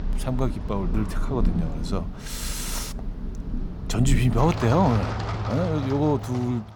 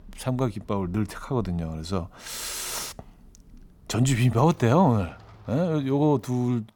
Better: second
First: rain or running water; loud; throughout; 4 dB below the speech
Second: rain or running water; faint; throughout; 25 dB below the speech

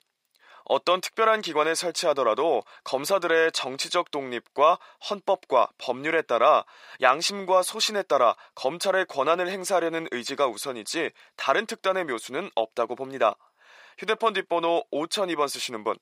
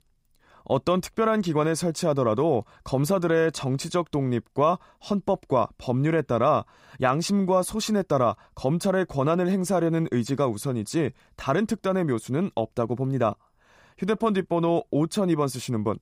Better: second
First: thin; very; fading below 550 Hz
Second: none

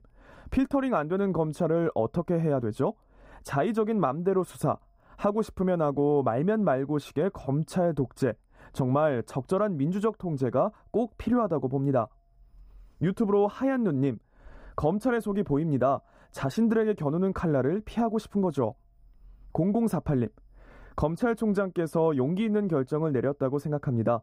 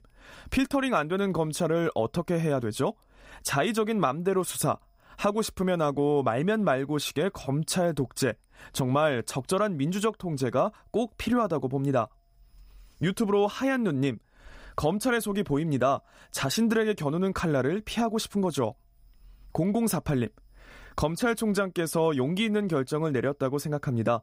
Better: second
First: muffled; slightly; fading above 1.5 kHz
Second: none

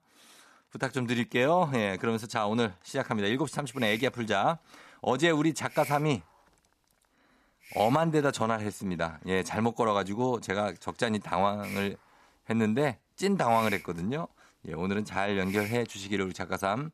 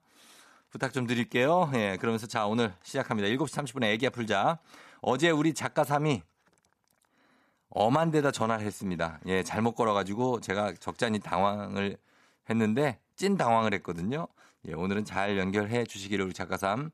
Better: second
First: hiss; noticeable; from 3 to 8.5 s and from 12 s on; 15 dB below the speech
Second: none

